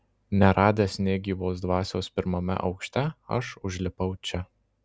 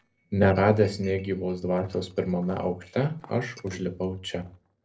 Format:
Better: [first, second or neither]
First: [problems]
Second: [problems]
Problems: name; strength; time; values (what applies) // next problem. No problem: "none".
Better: first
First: none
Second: noise reduction (neural separator model SepFormer DNS4)